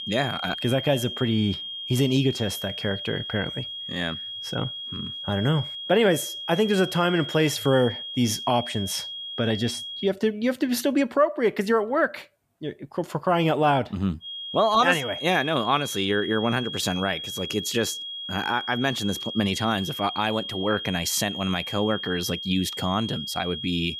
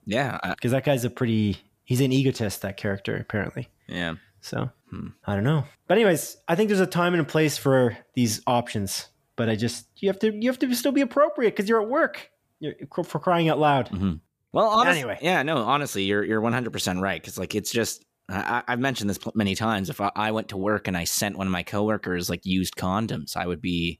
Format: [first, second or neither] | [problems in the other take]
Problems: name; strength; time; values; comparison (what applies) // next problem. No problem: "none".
second | high-pitched whine; loud; until 10 s and from 14 s on; 3.5 kHz, 7 dB below the speech